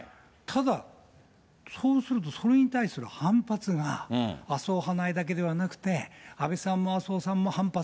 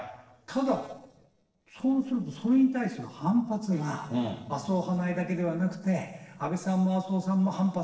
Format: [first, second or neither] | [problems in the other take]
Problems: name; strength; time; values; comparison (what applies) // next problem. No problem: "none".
first | noise reduction (neural separator model SepFormer DNS4)